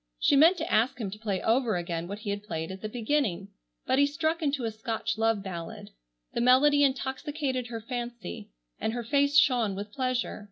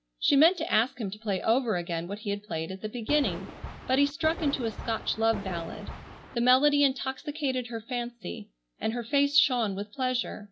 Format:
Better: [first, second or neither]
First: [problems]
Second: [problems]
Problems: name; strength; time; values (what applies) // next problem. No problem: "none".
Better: first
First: none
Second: background sound (Thunder); 11 dB below the speech